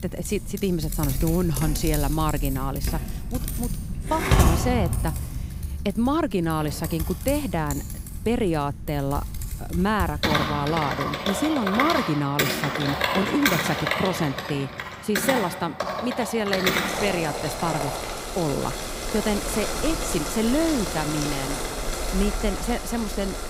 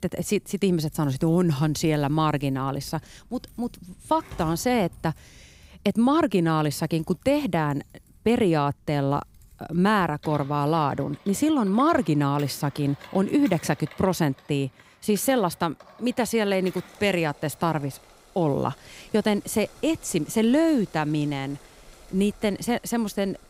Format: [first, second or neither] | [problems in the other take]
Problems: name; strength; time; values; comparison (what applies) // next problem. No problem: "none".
second | household noises; loud; throughout; 1 dB below the speech; faint in the second